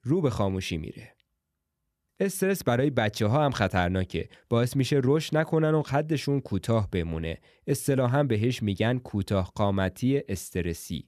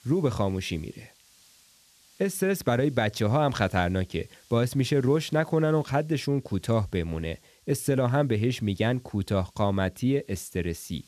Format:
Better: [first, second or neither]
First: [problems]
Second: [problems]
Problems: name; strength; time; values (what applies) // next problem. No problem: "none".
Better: first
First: none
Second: hiss; faint; throughout; 30 dB below the speech